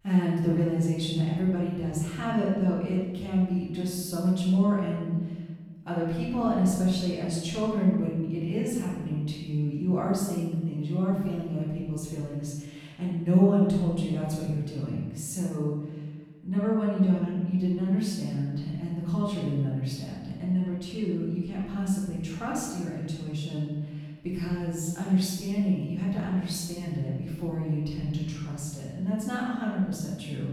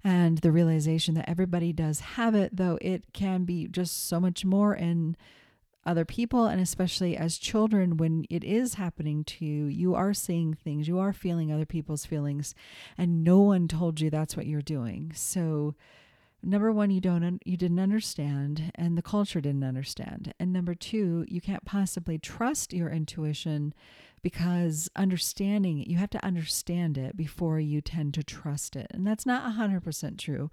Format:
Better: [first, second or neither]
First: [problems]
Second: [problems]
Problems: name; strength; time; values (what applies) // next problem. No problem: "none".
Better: second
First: room echo; noticeable; dies away in 1.2 s // off-mic speech; far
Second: none